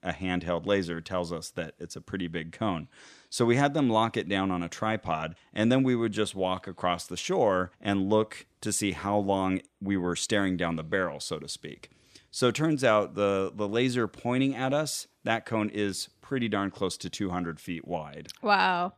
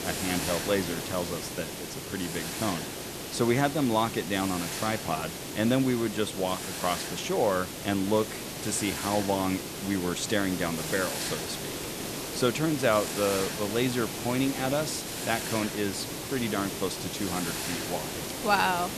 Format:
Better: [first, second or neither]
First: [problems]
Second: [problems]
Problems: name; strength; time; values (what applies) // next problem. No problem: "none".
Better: first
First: none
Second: hiss; loud; throughout; 4 dB below the speech